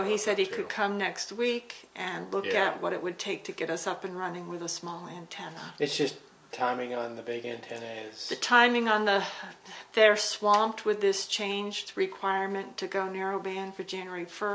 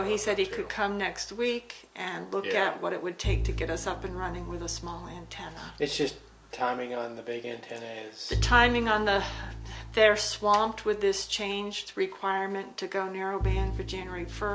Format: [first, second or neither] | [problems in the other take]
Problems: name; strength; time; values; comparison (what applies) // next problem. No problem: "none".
first | background sound (Bowed string instrument); 8 dB below the speech